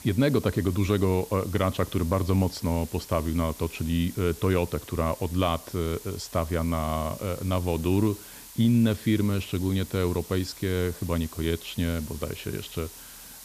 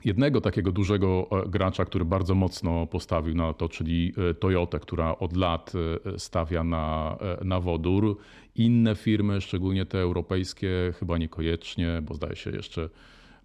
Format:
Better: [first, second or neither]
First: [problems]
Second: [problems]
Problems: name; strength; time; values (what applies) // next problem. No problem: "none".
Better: second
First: hiss; noticeable; throughout; 15 dB below the speech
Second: none